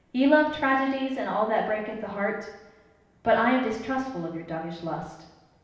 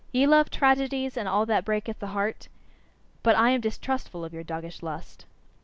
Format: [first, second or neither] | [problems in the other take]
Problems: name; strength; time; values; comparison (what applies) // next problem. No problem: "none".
second | room echo; dies away in 0.9 s